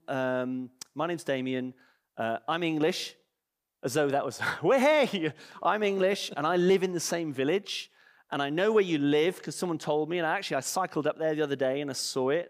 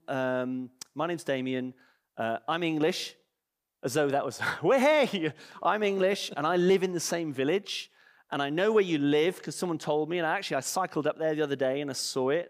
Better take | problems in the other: neither | none

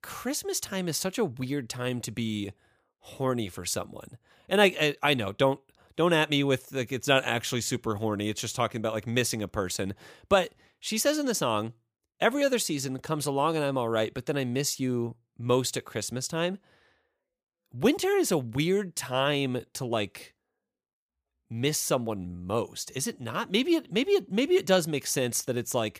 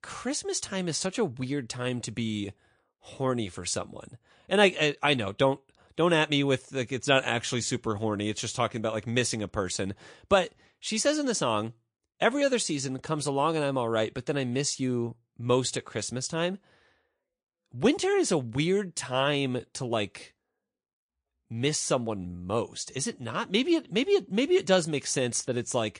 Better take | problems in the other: first | garbled, watery; slightly

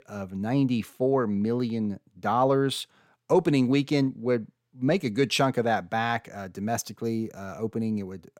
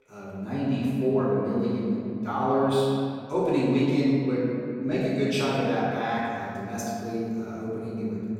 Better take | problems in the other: first | off-mic speech; far // room echo; strong; dies away in 2.2 s

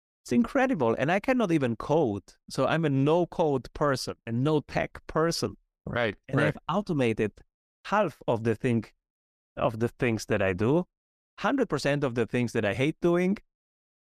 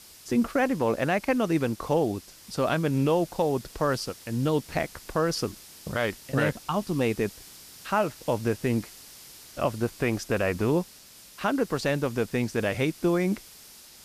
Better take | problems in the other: first | hiss; noticeable; throughout; 20 dB below the speech

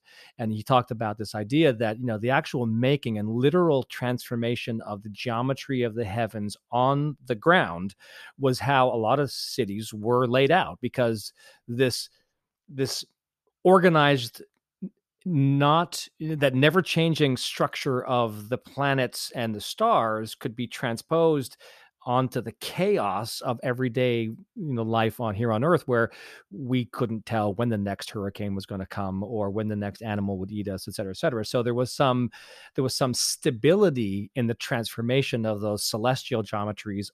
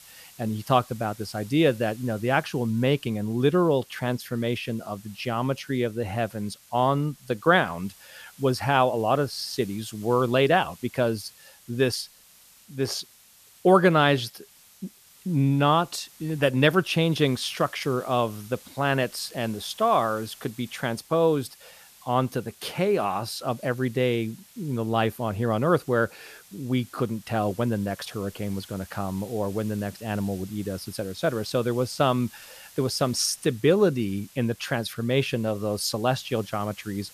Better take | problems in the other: first | hiss; faint; throughout; 25 dB below the speech

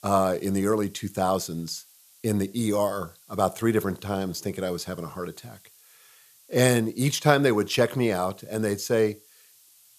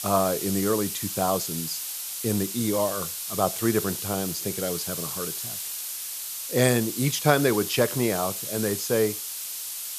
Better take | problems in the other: first | hiss; loud; throughout; 4 dB below the speech; faint in the first

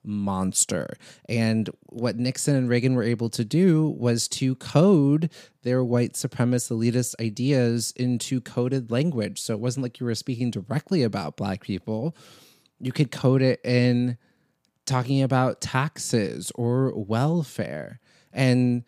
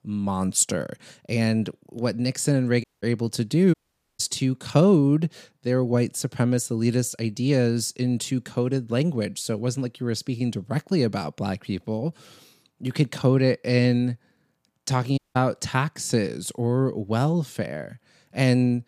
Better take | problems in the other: first | audio cutting out; at 3 s, at 3.5 s and at 15 s

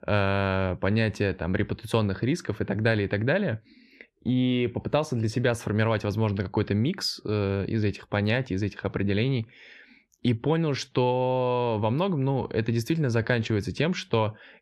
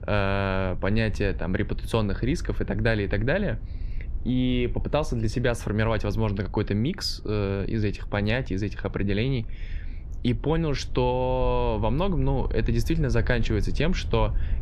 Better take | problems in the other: first | low rumble; faint; throughout; 25 dB below the speech

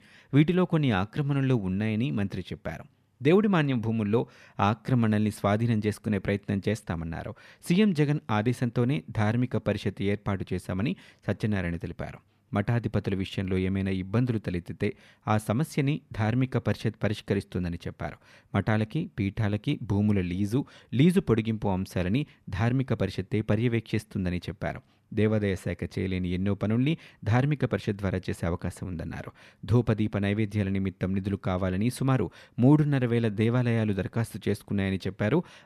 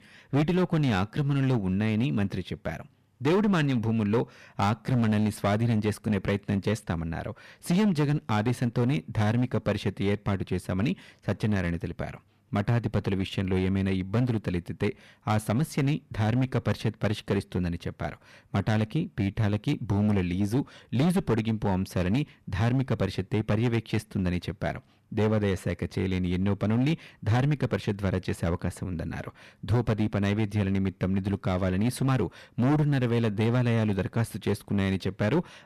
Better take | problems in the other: first | distortion; slight; 8% of the sound clipped

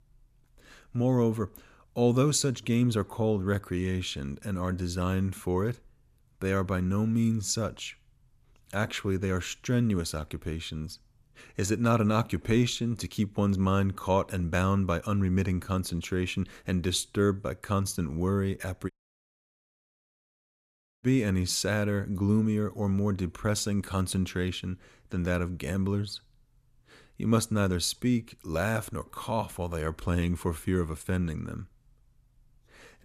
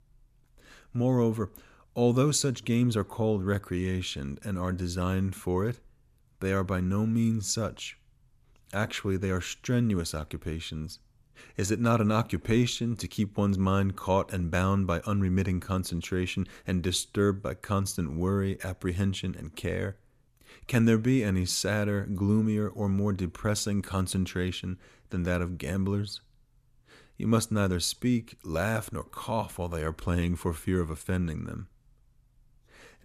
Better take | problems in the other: second | audio cutting out; at 19 s for 2 s

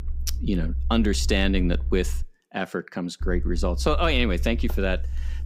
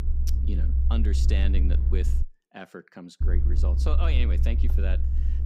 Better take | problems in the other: first | low rumble; loud; until 2 s and from 3 s on; 5 dB below the speech; faint in the first

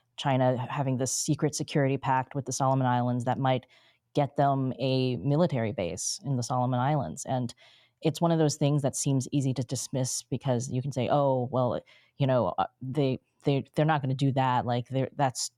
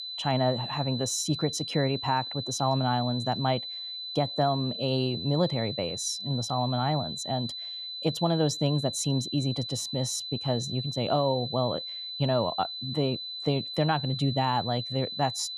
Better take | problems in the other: first | high-pitched whine; loud; throughout; 4 kHz, 5 dB below the speech

